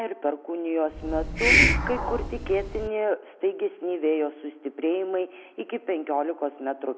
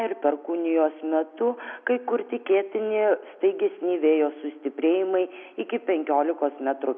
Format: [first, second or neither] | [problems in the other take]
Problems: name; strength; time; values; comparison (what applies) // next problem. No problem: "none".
second | background sound (Hiss); 4 dB above the speech